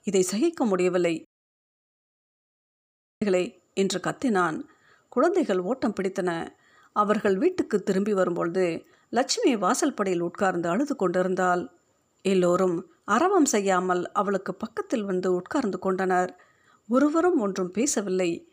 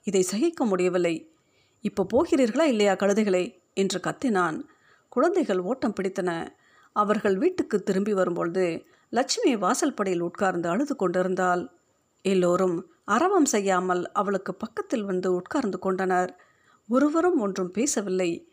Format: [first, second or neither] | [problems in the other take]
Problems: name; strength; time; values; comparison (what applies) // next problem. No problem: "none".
second | audio cutting out; at 1.5 s for 2 s